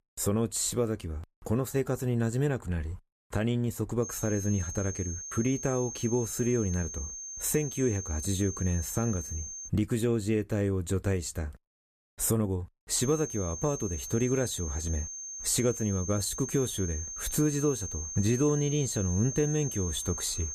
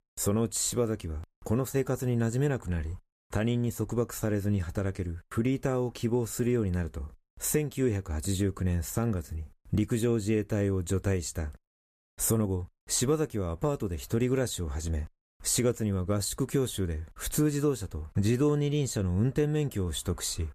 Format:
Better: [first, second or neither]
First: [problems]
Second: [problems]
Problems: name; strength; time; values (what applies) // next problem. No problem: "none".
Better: second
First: high-pitched whine; loud; from 4 to 9.5 s and from 13 s on; 6.5 kHz, 7 dB below the speech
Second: none